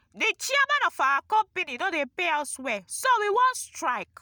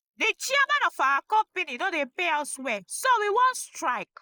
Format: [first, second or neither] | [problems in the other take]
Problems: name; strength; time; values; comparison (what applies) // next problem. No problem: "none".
first | noise reduction (neural mask model Resemble Enhance denoiser)